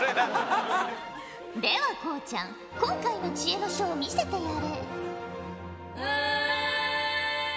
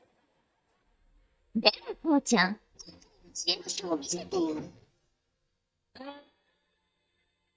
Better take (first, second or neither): first